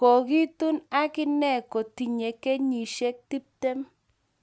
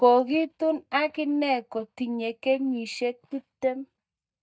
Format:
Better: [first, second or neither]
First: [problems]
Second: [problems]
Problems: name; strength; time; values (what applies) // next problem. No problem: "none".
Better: first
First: none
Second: noise reduction (neural mask model DeepFilterNet 3)